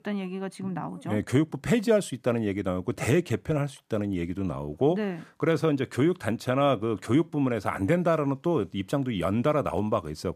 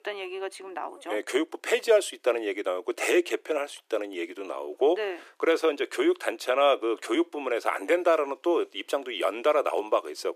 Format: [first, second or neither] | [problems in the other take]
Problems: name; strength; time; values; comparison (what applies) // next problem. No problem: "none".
first | thin; very; fading below 350 Hz